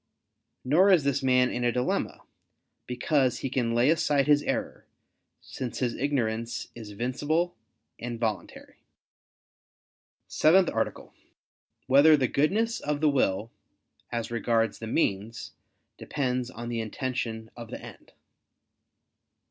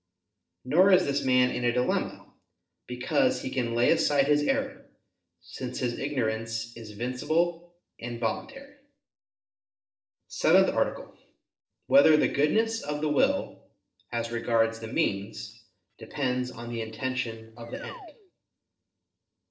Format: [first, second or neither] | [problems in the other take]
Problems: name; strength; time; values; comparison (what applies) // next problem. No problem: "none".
first | noise reduction (neural separator model SepFormer DNS4)